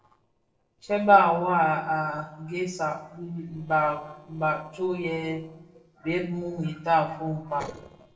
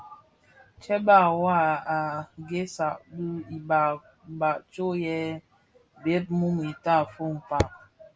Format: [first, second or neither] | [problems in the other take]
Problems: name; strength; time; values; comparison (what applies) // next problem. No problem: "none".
second | noise reduction (neural separator model SepFormer DNS4)